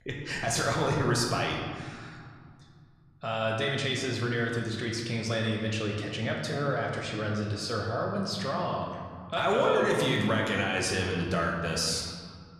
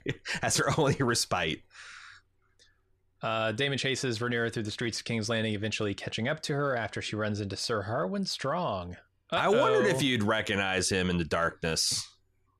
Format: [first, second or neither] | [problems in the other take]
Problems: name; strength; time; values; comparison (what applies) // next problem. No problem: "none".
second | room echo; noticeable; dies away in 1.6 s // off-mic speech; somewhat distant